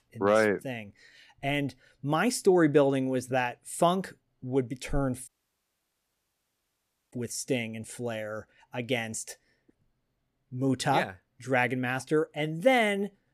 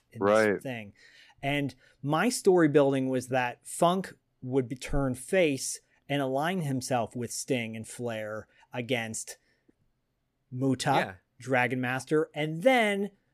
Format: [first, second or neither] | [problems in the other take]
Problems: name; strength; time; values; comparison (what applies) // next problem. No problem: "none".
second | audio cutting out; at 5.5 s for 2 s